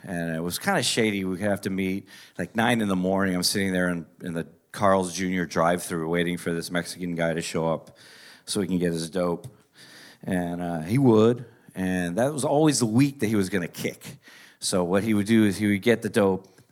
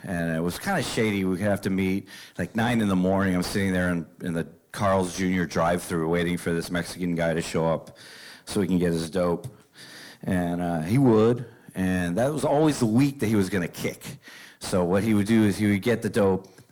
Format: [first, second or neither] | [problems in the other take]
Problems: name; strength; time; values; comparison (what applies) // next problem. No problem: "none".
first | distortion; slight; 9 dB below the speech